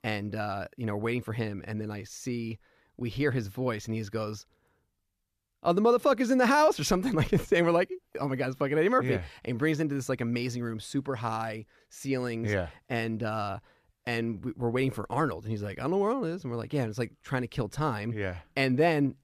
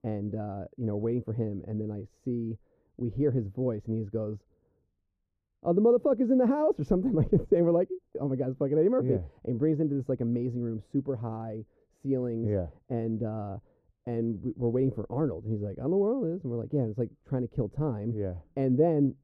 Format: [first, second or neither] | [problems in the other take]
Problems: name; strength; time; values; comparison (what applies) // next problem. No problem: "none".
first | muffled; very; fading above 1 kHz